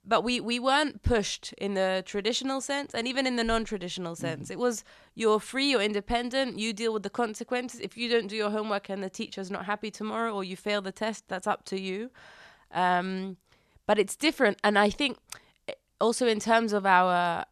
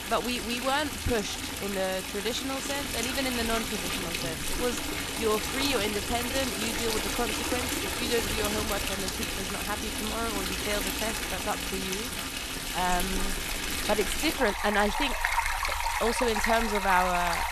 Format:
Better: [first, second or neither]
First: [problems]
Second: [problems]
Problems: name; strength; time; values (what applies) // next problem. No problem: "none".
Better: first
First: none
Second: rain or running water; very loud; throughout; 1 dB above the speech